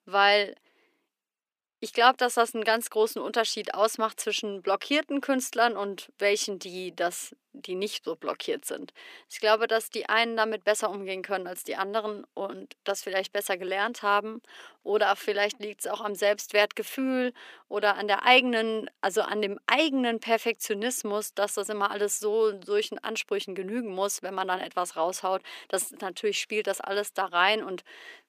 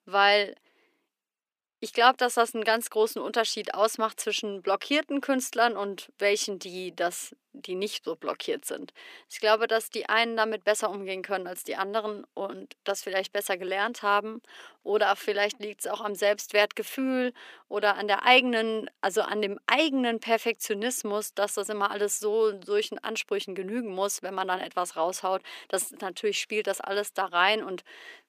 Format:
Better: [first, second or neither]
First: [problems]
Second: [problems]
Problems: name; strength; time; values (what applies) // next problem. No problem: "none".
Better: neither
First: thin; somewhat; fading below 300 Hz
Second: thin; somewhat; fading below 300 Hz